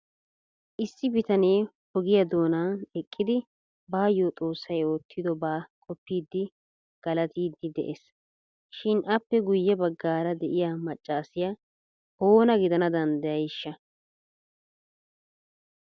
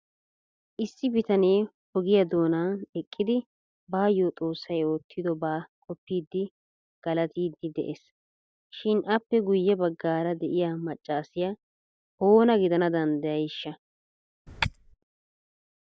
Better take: first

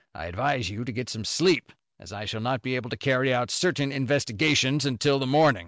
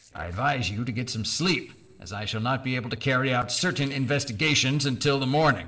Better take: first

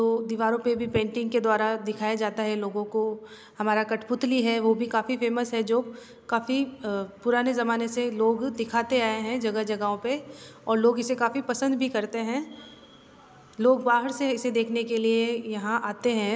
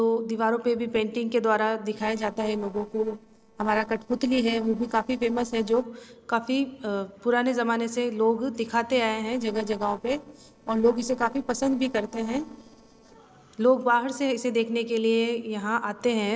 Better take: first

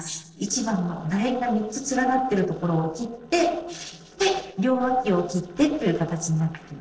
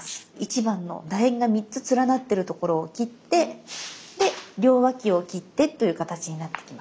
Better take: second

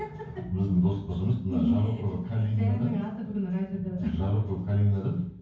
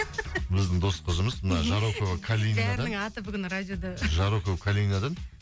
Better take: second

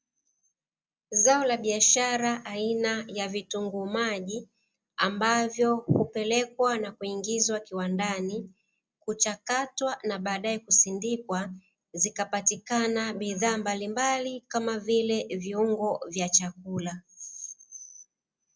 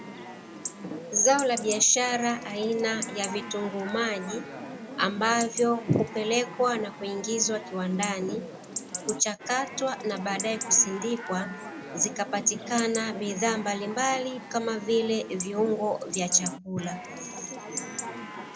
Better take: first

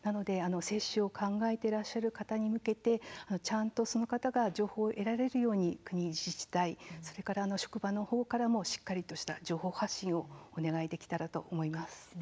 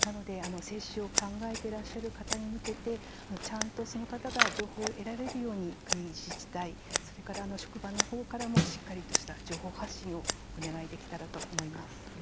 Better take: first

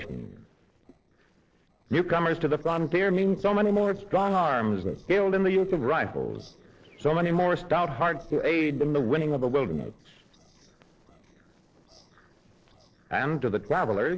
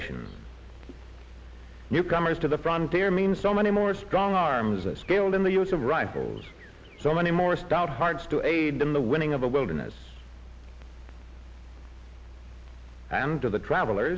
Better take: second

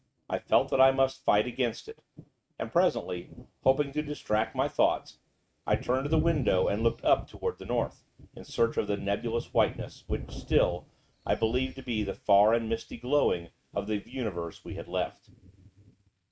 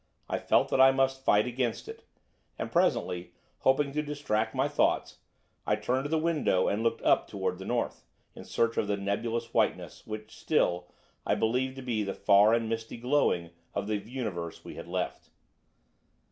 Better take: second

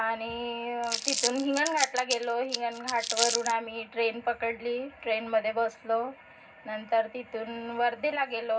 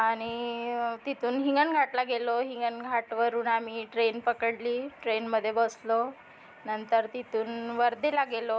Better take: second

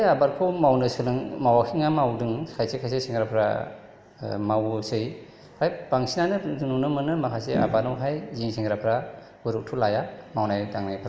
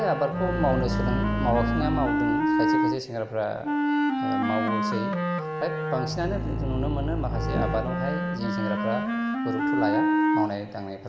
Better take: first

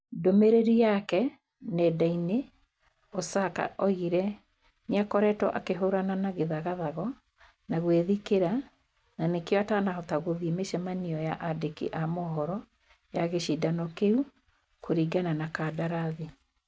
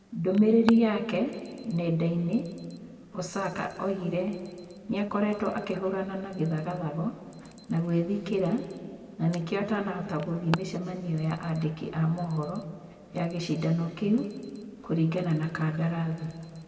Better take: first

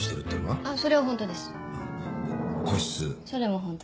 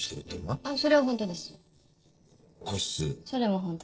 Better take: first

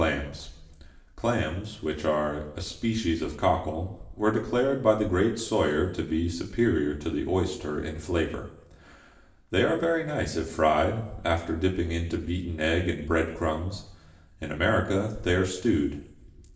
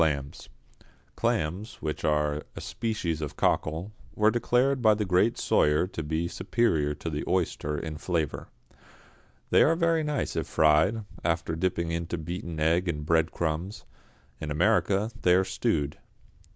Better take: second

